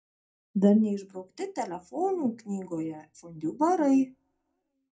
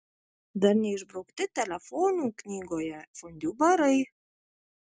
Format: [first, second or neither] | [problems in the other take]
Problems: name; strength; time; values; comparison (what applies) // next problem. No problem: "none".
second | room echo; dies away in 0.2 s